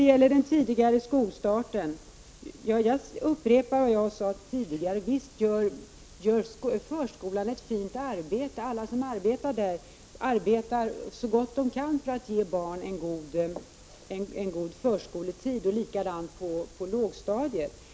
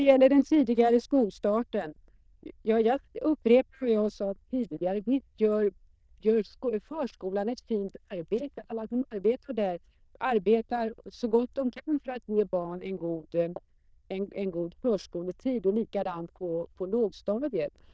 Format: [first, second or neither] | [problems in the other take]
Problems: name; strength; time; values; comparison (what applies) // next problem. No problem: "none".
first | noise reduction (neural diffusion model UNIVERSE++)